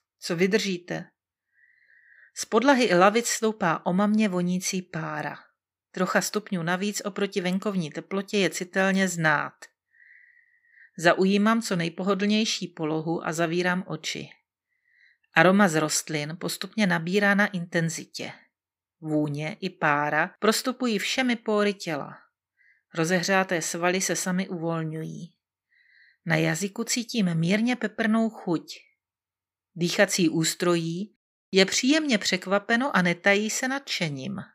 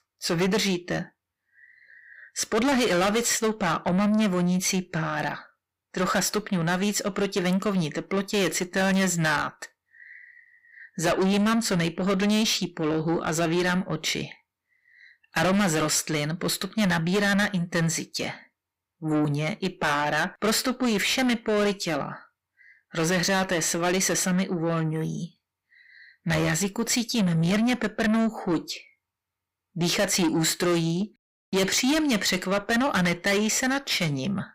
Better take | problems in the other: first | distortion; heavy; 6 dB below the speech

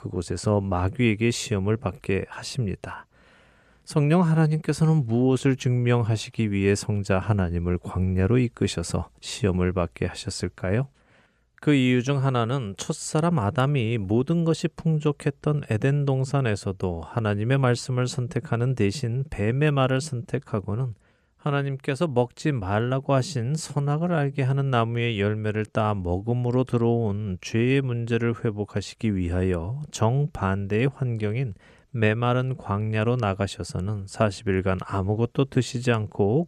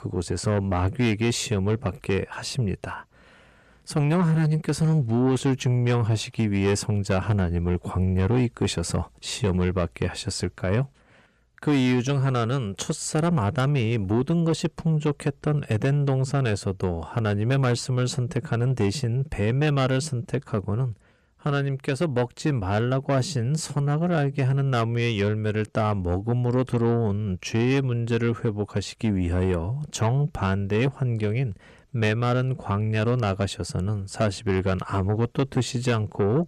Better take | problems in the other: first | distortion; slight; 10 dB below the speech

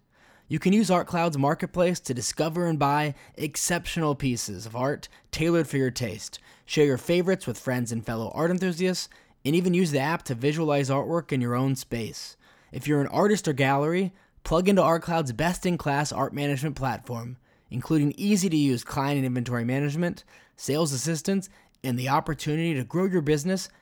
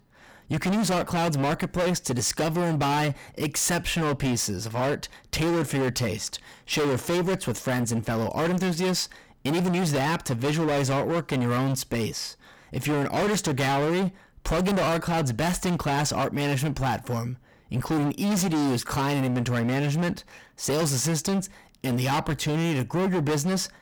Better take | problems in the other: first | distortion; heavy; 28% of the sound clipped

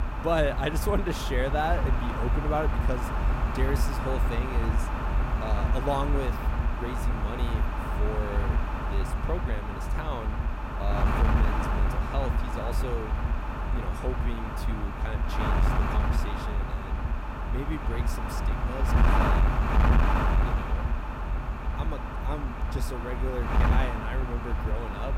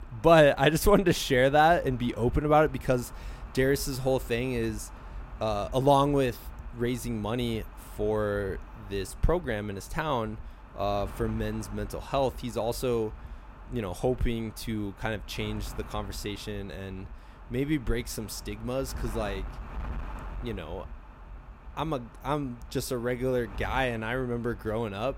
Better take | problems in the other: second | wind noise on the microphone; heavy; 1 dB above the speech; occasional gusts in the second

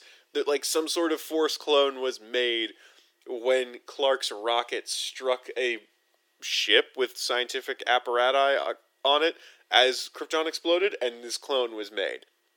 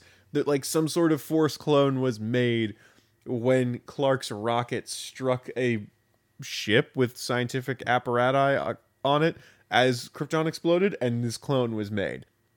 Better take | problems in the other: second | thin; very; fading below 350 Hz

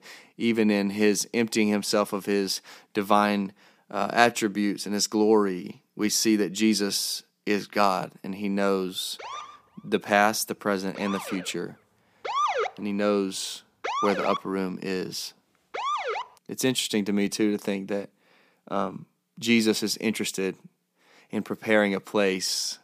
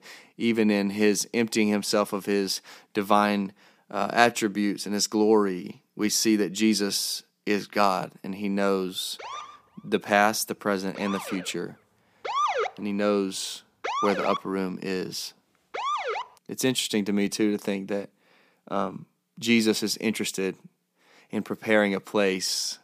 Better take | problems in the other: neither | siren; loud; from 9 to 16 s; peak level with the speech; the same in both

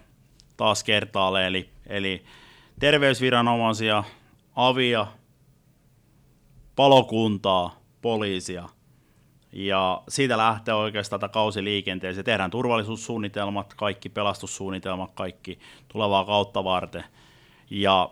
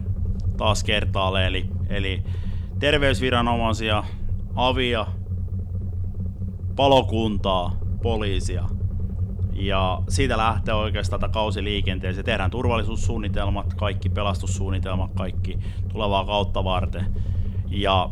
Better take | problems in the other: first | low rumble; noticeable; throughout; 20 dB below the speech

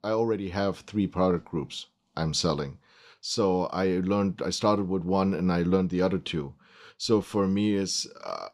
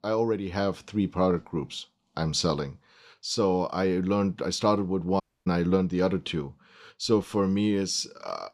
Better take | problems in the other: first | audio cutting out; at 5 s

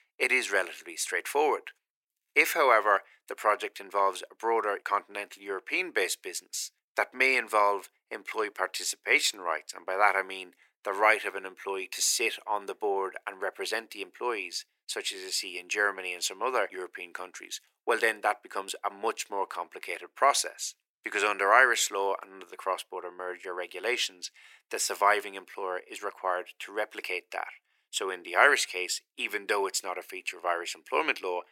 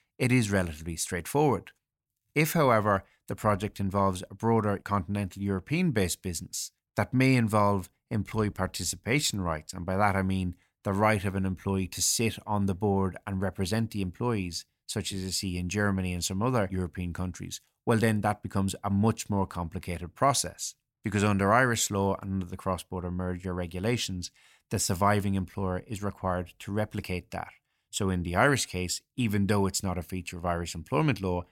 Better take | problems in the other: second | thin; very; fading below 350 Hz

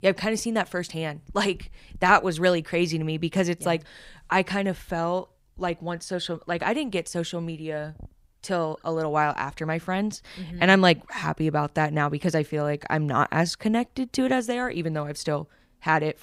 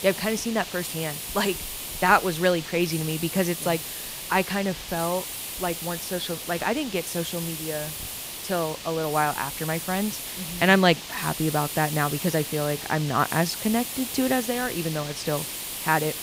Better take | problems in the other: first | hiss; loud; throughout; 6 dB below the speech

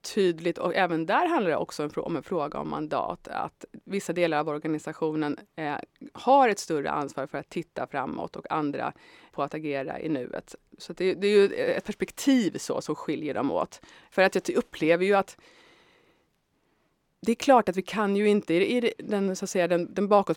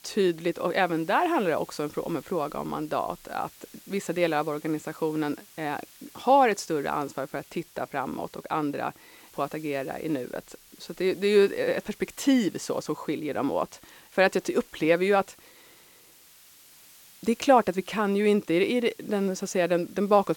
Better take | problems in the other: first | hiss; faint; throughout; 25 dB below the speech

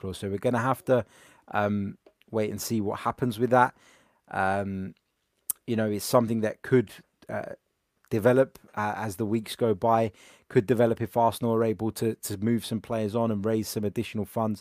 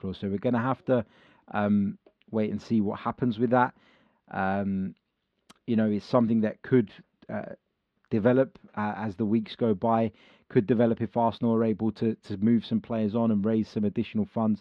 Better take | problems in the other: first | muffled; slightly; fading above 4 kHz

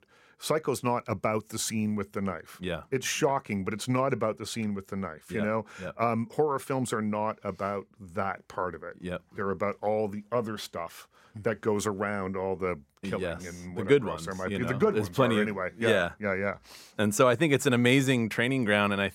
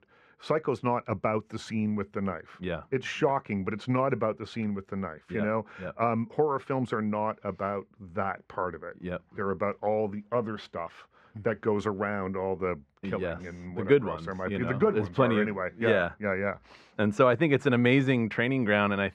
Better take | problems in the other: first | muffled; slightly; fading above 2.5 kHz

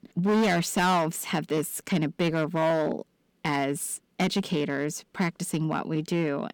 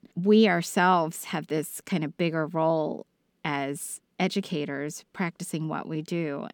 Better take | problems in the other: second | distortion; heavy; 9% of the sound clipped

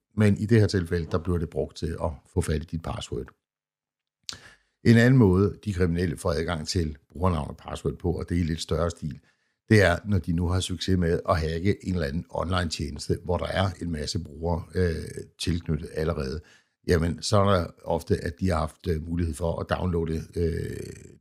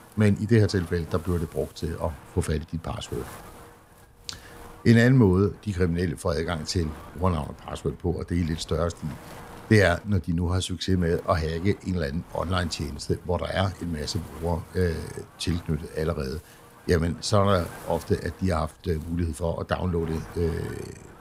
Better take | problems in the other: first | wind noise on the microphone; occasional gusts; 20 dB below the speech

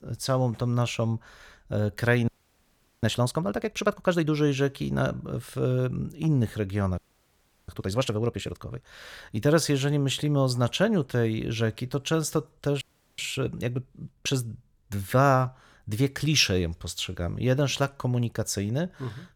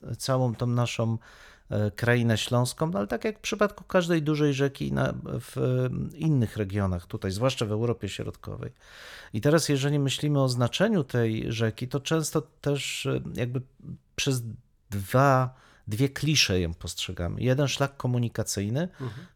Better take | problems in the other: second | audio freezing; at 2.5 s for 1 s, at 7 s for 0.5 s and at 13 s

